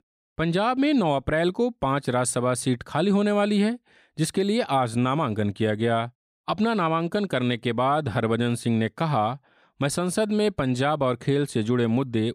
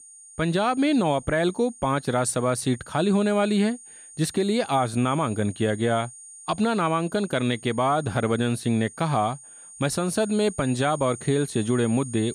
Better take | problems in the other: first | high-pitched whine; noticeable; throughout; 9 kHz, 20 dB below the speech

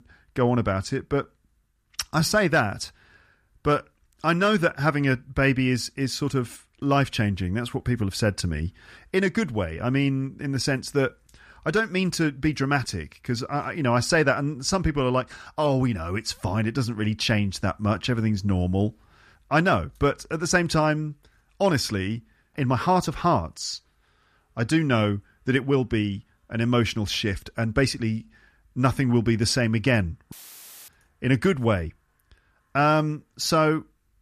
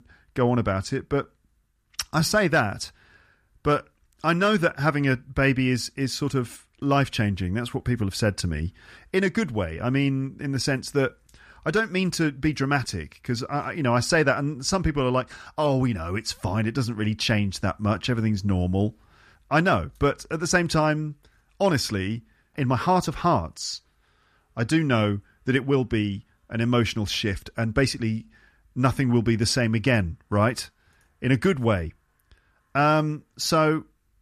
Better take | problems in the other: second | audio cutting out; filled with static; at 30 s for 0.5 s

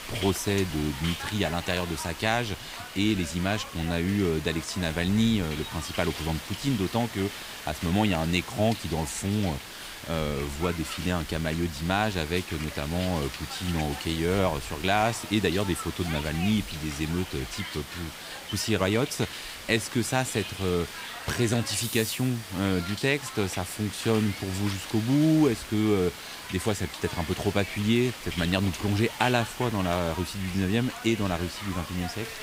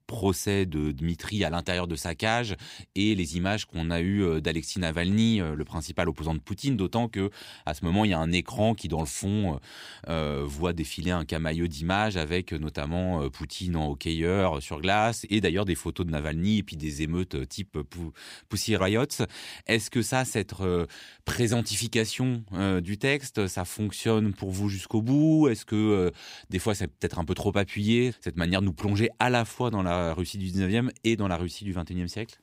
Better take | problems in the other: second | hiss; loud; throughout; 9 dB below the speech

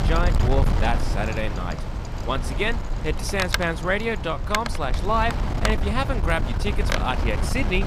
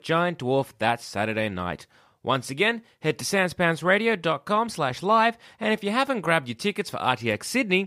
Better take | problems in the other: second | wind noise on the microphone; heavy; 5 dB below the speech

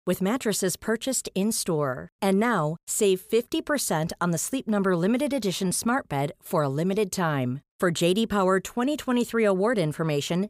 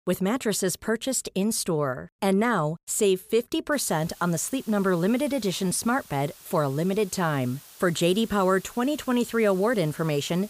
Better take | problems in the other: first | hiss; faint; from 3.5 s on; 20 dB below the speech

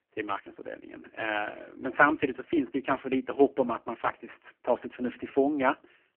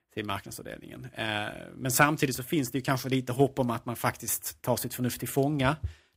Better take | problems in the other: second | phone-call audio; poor line; nothing above 3 kHz

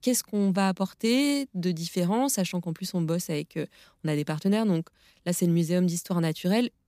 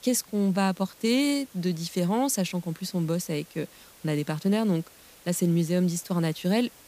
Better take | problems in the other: first | hiss; faint; throughout; 25 dB below the speech

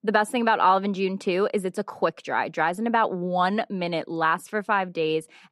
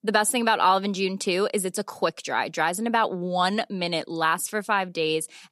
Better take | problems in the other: second | muffled; slightly; fading above 3.5 kHz

